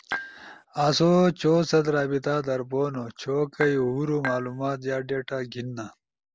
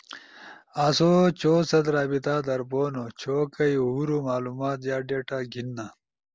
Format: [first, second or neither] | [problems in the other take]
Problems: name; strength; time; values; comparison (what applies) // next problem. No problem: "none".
second | background sound (Dishes, pots, and pans / Chink, clink); 10 dB below the speech